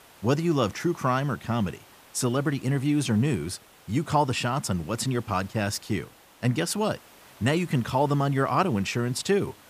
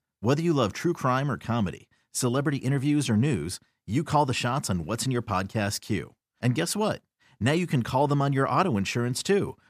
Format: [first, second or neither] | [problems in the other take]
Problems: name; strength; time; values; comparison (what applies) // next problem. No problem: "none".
second | hiss; faint; throughout; 25 dB below the speech